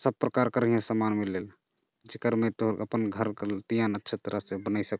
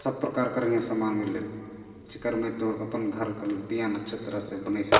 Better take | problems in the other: first | background sound (Telephone); 3 dB below the speech // room echo; dies away in 2.5 s

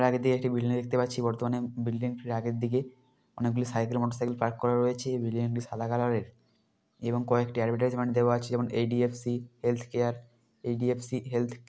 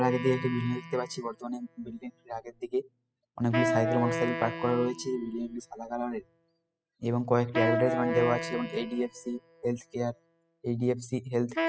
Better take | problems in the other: first | noise reduction (classical method spectral subtraction)

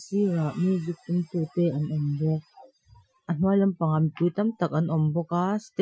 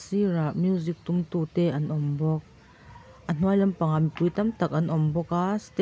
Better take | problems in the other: second | noise reduction (classical method Wiener filter)

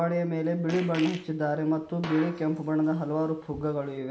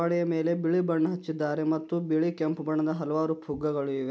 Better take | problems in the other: second | background sound (Fart); 16 dB below the speech // room echo; dies away in 0.7 s

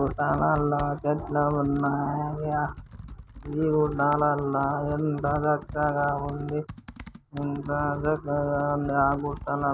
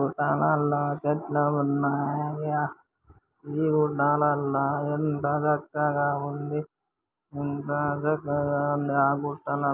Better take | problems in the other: second | background sound (Computer keyboard); 14 dB below the speech

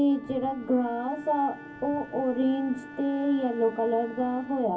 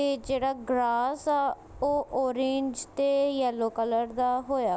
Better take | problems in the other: second | background sound (Wind instrument, woodwind instrument); 17 dB below the speech // room echo; dies away in 0.3 s

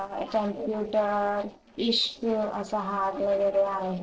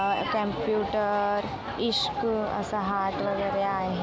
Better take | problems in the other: second | noise reduction (neural separator model SepFormer DNS4)

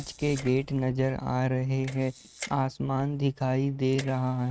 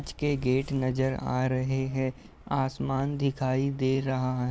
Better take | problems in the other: second | noise reduction (neural mask model RNNoise)

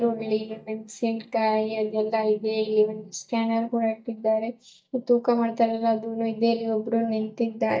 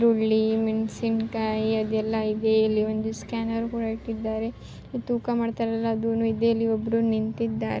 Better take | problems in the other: second | noise reduction (neural mask model DeepFilterNet 3)

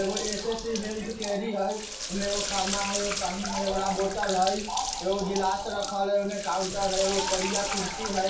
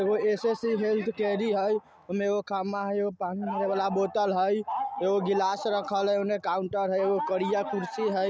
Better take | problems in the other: second | background sound (Sink (filling or washing)); 5 dB below the speech // room echo; dies away in 0.2 s

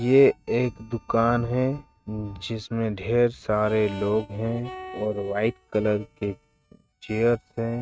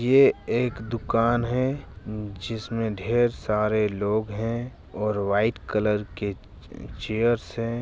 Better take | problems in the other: second | noise reduction (neural mask model RNNoise)

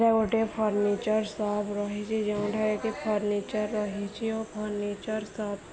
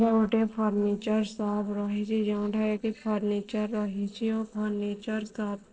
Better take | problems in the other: first | noise reduction (neural separator model SepFormer DNS4)

